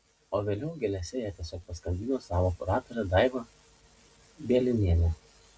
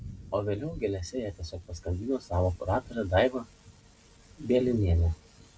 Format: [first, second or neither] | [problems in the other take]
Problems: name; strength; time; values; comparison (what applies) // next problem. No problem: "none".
first | background sound (Thunder); 19 dB below the speech